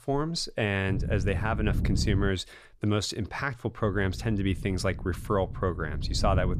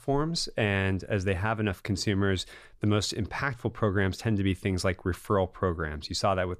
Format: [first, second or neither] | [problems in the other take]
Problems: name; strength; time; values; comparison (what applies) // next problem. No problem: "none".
second | wind noise on the microphone; occasional gusts; from 1 to 2.5 s and from 4 s on; 15 dB below the speech